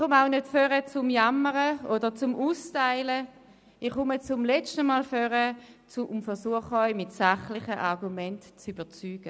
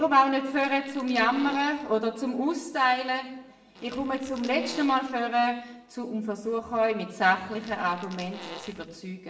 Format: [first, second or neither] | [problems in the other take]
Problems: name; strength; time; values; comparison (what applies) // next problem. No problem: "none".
first | background sound (Fart); 17 dB below the speech // room echo; dies away in 0.6 s